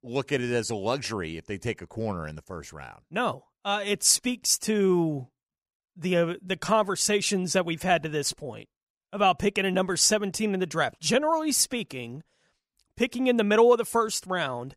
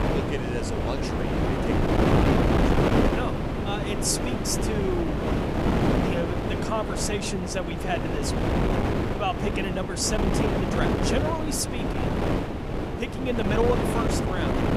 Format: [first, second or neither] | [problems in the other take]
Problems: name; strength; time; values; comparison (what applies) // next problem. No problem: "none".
first | wind noise on the microphone; heavy; 2 dB above the speech